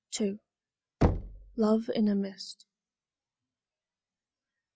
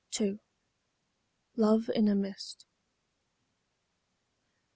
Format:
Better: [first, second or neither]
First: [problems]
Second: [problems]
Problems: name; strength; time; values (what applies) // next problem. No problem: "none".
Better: second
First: noise reduction (classical method log-MMSE)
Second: none